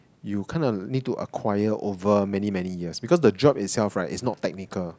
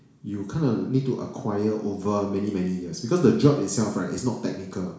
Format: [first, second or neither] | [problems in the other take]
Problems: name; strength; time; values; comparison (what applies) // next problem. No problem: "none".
first | room echo; dies away in 0.7 s